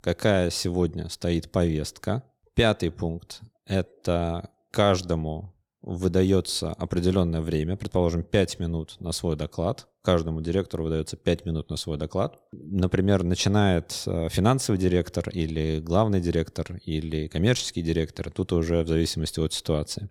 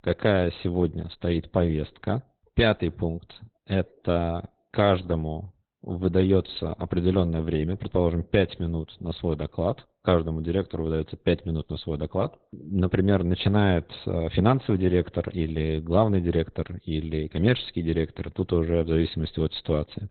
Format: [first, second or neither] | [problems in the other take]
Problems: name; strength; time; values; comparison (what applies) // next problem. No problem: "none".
first | garbled, watery; badly; nothing above 4 kHz